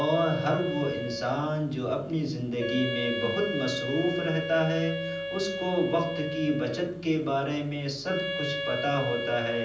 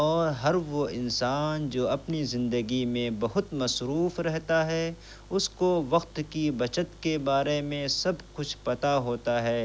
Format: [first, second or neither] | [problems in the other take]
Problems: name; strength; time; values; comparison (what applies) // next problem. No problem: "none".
second | background sound (Wind instrument, woodwind instrument); 6 dB below the speech // room echo; dies away in 0.6 s